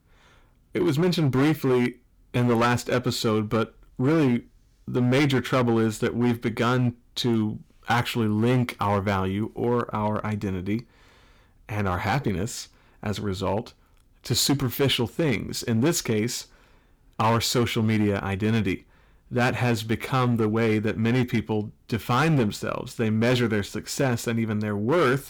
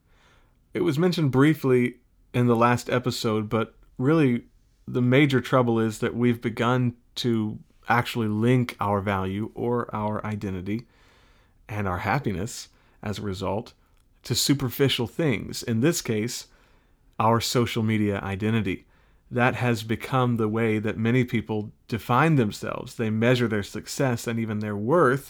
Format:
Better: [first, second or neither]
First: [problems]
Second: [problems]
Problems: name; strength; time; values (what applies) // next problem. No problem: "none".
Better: second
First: distortion; slight; 8% of the sound clipped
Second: none